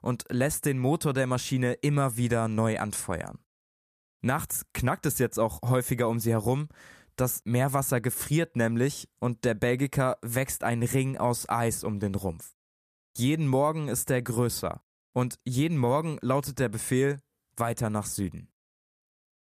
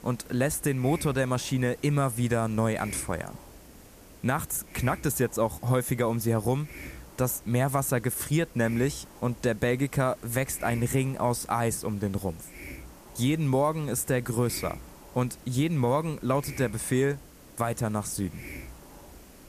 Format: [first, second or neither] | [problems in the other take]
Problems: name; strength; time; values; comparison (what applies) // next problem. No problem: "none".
first | hiss; noticeable; throughout; 20 dB below the speech